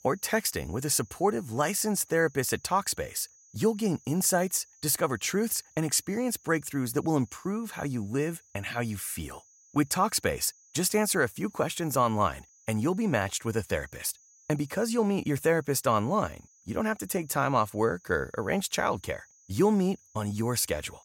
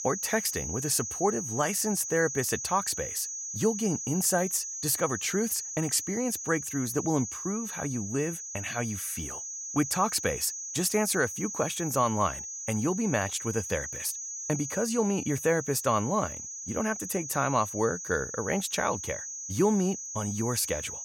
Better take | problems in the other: first | high-pitched whine; loud; throughout; 6.5 kHz, 6 dB below the speech; faint in the first

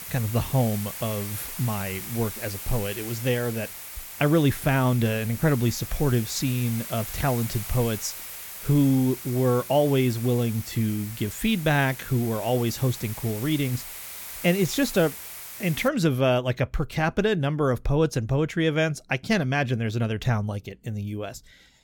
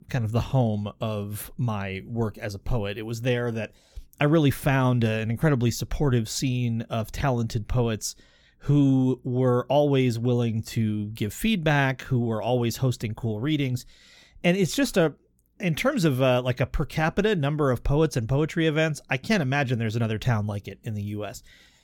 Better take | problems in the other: second | hiss; noticeable; until 16 s; 10 dB below the speech

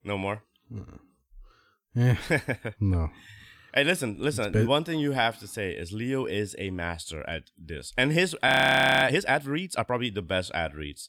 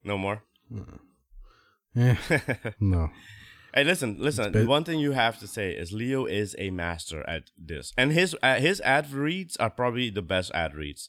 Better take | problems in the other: second | audio freezing; at 8.5 s for 0.5 s

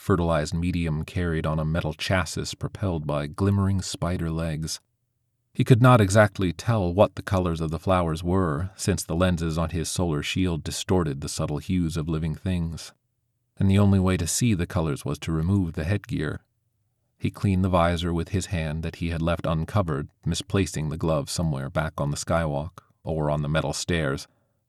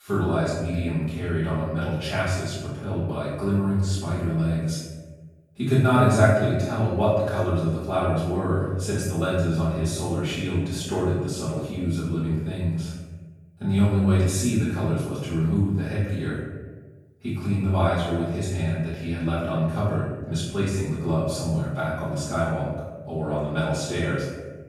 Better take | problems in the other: first | off-mic speech; far // room echo; strong; dies away in 1.1 s

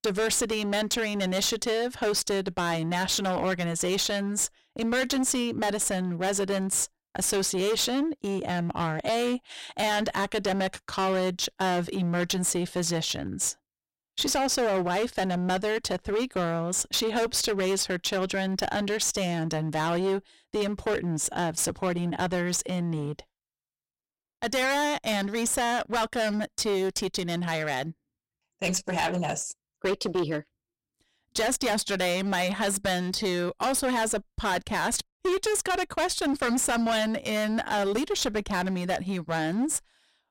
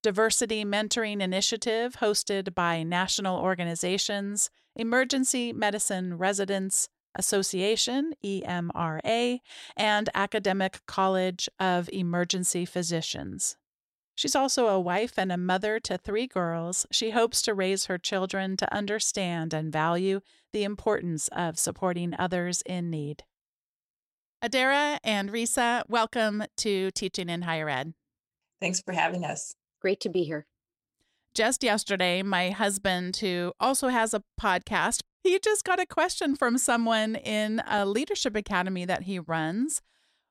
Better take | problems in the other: second | distortion; heavy; 18% of the sound clipped

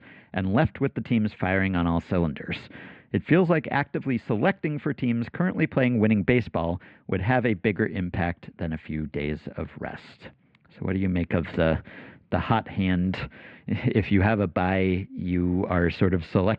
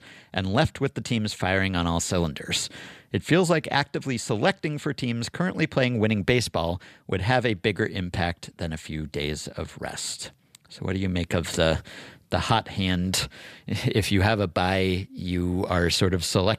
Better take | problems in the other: second | muffled; very; fading above 2.5 kHz

